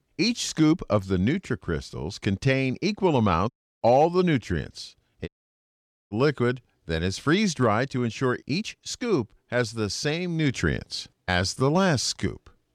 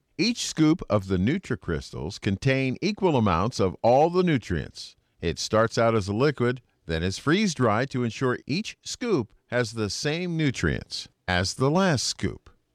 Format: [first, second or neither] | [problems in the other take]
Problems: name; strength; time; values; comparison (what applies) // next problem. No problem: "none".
second | audio cutting out; at 3.5 s and at 5.5 s for 1 s